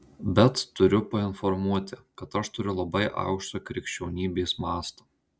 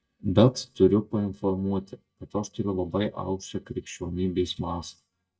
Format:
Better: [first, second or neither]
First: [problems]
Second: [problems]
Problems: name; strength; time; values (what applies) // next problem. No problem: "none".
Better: first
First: none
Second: noise reduction (neural mask model DeepFilterNet 3)